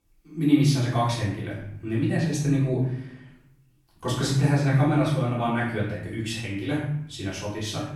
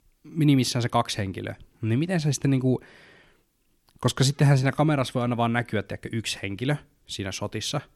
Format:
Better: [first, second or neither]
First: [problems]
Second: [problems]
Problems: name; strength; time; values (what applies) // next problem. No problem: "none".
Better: second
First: off-mic speech; far // room echo; noticeable; dies away in 0.7 s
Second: none